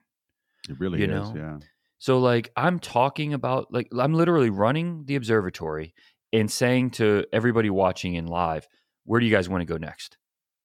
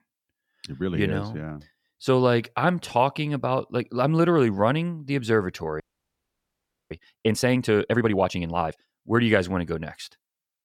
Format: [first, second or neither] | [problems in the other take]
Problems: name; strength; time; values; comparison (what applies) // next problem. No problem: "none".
first | audio freezing; at 6 s for 1 s